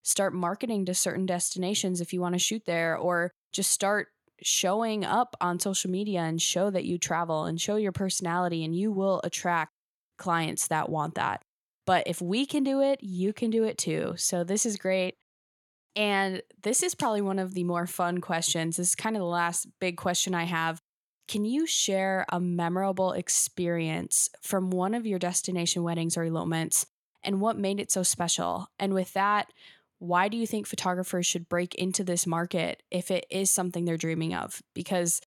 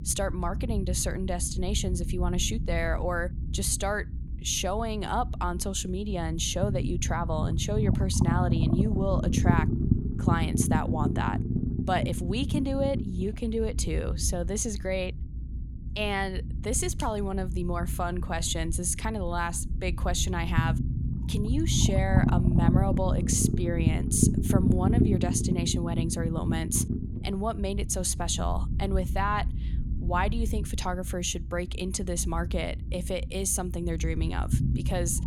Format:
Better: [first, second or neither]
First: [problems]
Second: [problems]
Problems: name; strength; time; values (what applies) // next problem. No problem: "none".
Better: first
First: none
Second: low rumble; loud; throughout; 7 dB below the speech